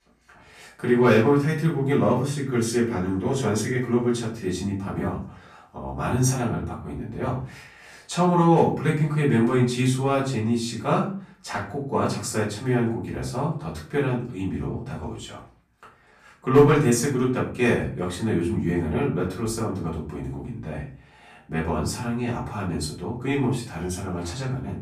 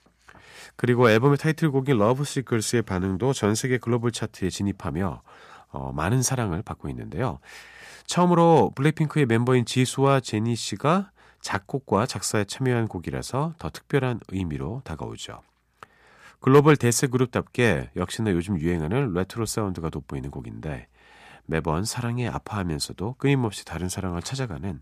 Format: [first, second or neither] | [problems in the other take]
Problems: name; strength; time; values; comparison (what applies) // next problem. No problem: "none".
second | off-mic speech; far // room echo; slight; dies away in 0.4 s